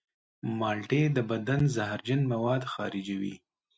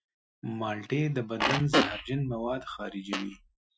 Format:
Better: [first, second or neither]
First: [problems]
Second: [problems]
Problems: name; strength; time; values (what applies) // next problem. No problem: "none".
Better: first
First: none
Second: noise reduction (classical method Wiener filter)